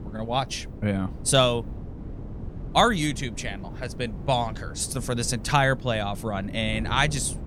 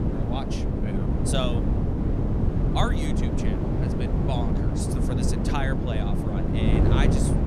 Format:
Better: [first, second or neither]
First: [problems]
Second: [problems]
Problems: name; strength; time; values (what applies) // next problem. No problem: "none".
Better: first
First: wind noise on the microphone; occasional gusts; 20 dB below the speech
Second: wind noise on the microphone; heavy; 1 dB above the speech